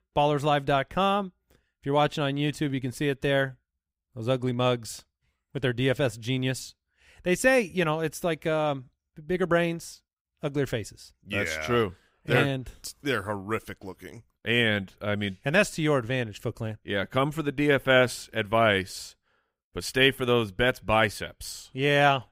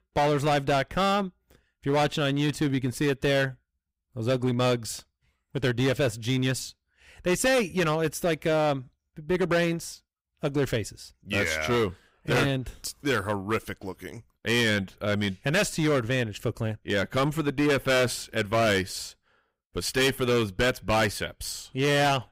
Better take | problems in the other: first | distortion; heavy; 10% of the sound clipped

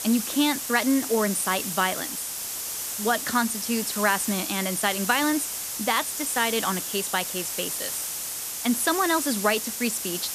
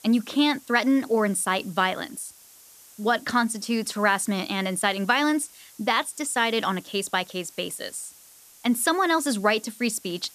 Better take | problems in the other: second | hiss; loud; throughout; 3 dB below the speech; faint in the second

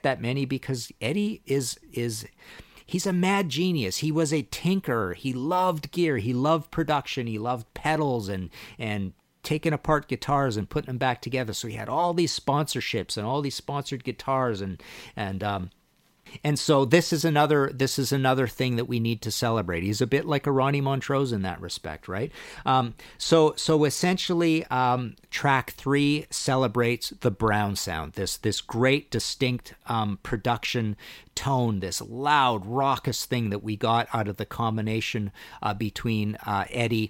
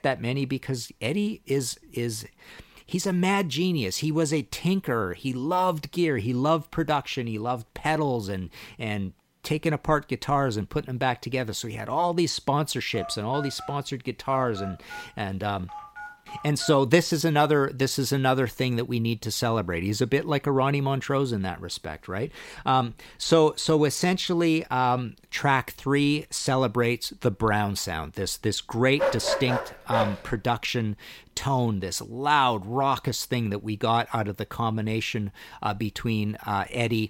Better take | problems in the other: first | phone ringing; faint; from 13 to 17 s; peak 10 dB below the speech // dog barking; loud; from 29 to 30 s; peak 1 dB above the speech

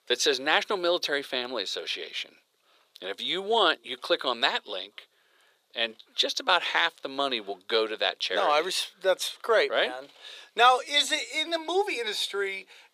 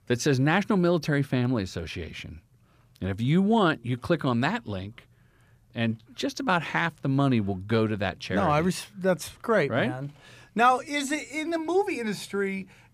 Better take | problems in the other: second | thin; very; fading below 450 Hz

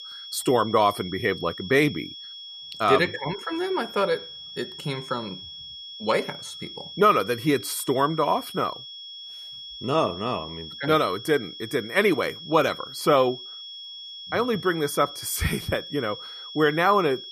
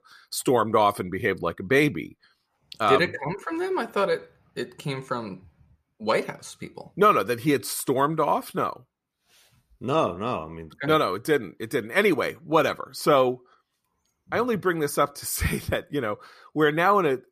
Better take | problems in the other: second | high-pitched whine; noticeable; throughout; 3.5 kHz, 15 dB below the speech

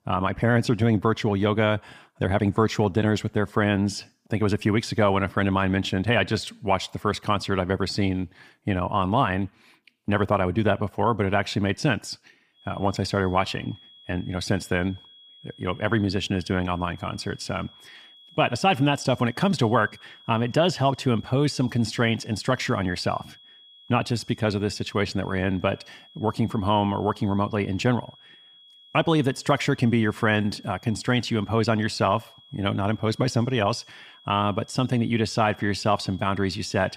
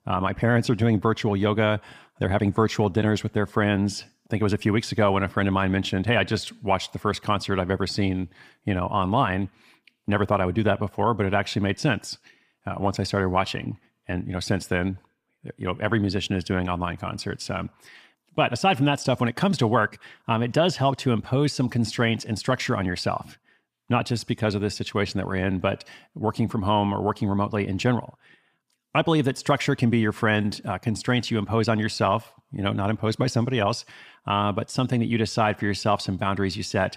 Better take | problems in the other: second | high-pitched whine; faint; from 13 s on; 3.5 kHz, 25 dB below the speech

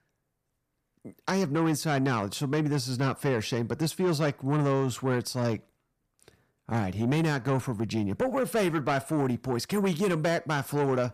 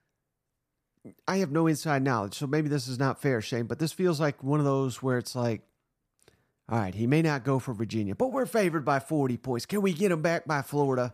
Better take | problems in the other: second | distortion; slight; 10 dB below the speech

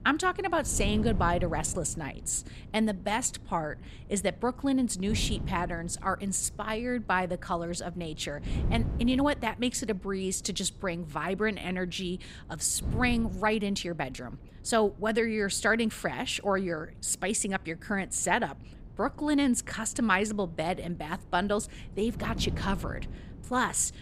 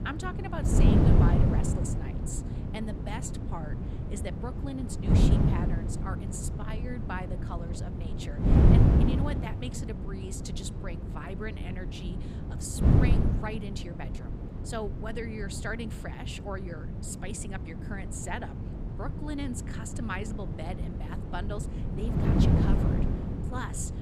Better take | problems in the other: first | wind noise on the microphone; heavy; 1 dB above the speech; occasional gusts in the first

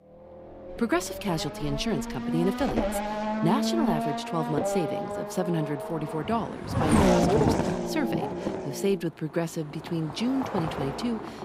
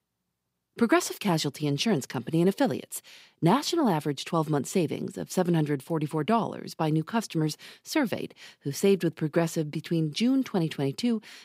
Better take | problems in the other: second | traffic noise; very loud; throughout; 1 dB above the speech

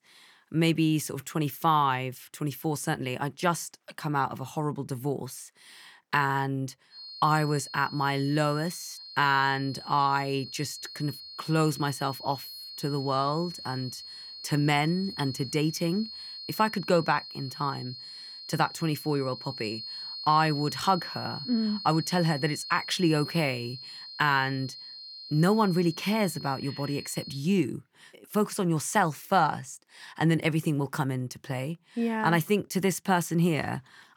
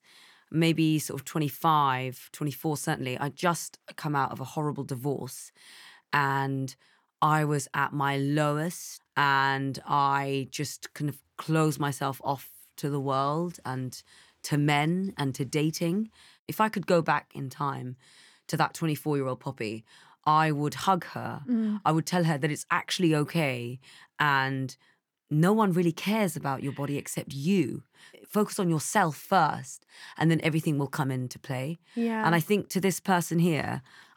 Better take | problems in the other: second | high-pitched whine; noticeable; from 7 to 27 s; 4.5 kHz, 10 dB below the speech

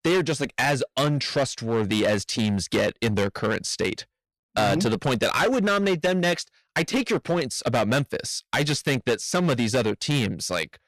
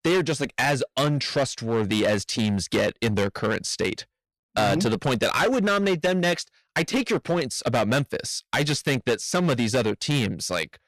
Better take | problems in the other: neither | distortion; heavy; 13% of the sound clipped; the same in both

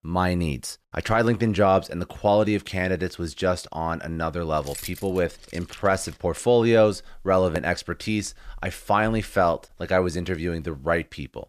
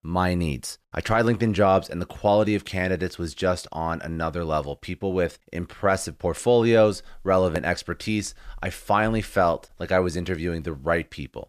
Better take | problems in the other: second | jangling keys; faint; from 4.5 to 6 s; peak 10 dB below the speech

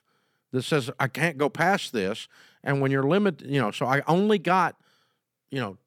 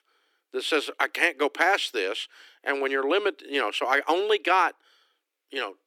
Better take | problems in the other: first | thin; very; fading below 300 Hz

